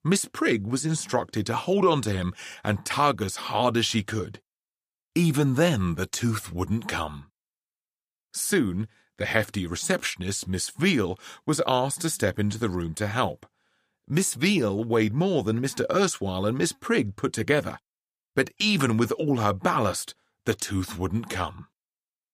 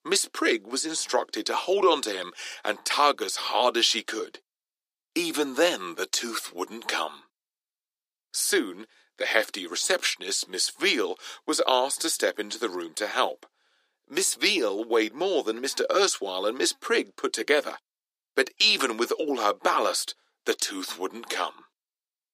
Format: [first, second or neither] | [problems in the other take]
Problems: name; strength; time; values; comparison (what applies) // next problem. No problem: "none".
first | thin; somewhat; fading below 300 Hz